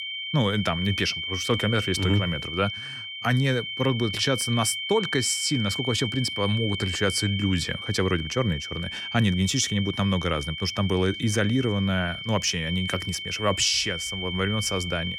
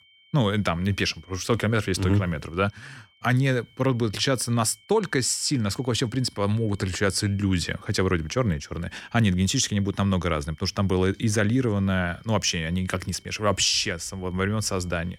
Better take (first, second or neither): second